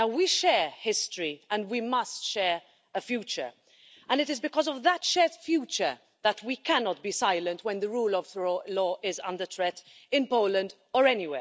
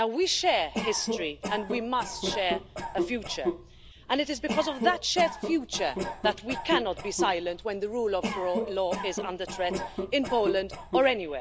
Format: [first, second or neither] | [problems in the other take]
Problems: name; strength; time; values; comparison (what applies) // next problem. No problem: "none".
first | background sound (Cough); 5 dB below the speech